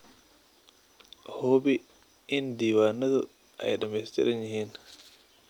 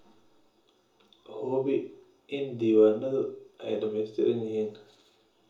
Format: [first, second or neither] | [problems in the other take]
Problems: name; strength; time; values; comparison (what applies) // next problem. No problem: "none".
first | room echo; dies away in 0.5 s